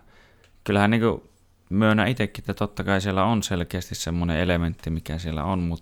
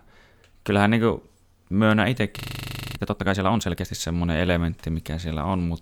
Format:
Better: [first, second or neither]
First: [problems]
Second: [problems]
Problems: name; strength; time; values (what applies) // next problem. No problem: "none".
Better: first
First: none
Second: audio freezing; at 2.5 s for 0.5 s